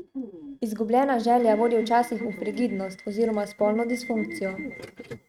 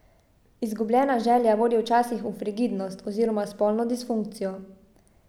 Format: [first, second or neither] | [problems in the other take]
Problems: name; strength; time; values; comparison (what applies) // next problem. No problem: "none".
second | noise reduction (neural mask model RNNoise)